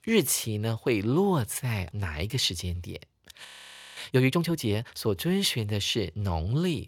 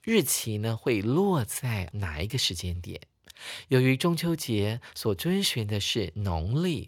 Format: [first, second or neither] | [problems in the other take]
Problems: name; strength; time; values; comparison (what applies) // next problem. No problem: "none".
second | audio freezing; at 3.5 s for 0.5 s